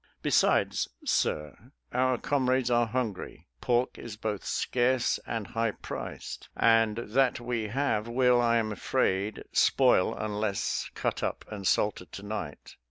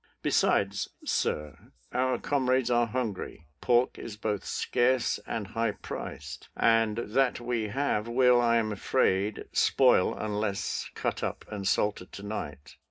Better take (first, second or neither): first